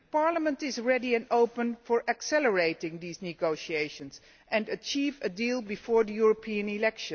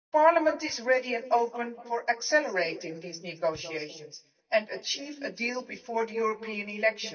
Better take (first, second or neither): first